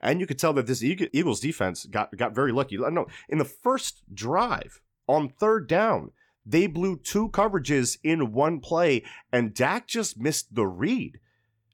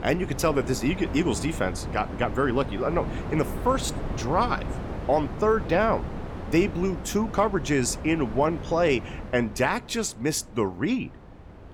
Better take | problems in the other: first | wind noise on the microphone; occasional gusts; 10 dB below the speech

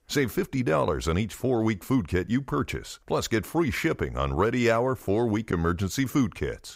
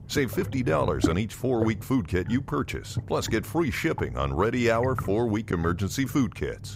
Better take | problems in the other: first | low rumble; noticeable; throughout; 10 dB below the speech

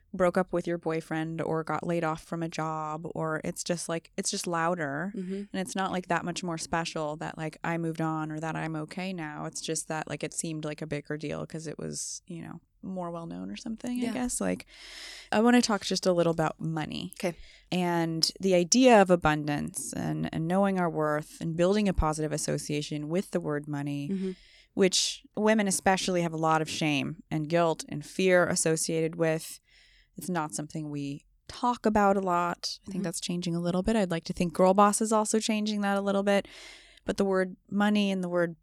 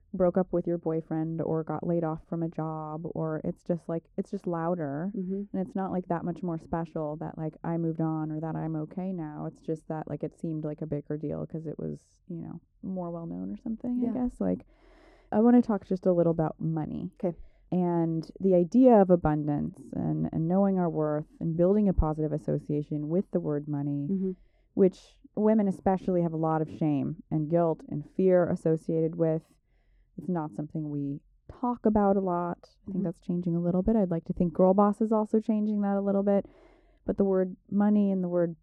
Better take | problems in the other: first | muffled; very; fading above 1.5 kHz

